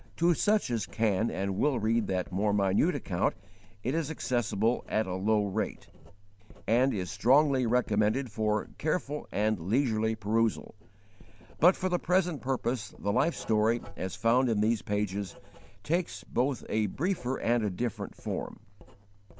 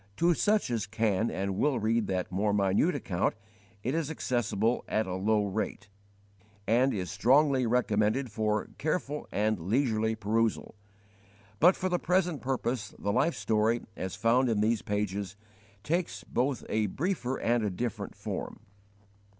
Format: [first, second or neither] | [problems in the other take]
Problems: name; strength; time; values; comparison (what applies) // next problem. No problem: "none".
second | background sound (Writing); 18 dB below the speech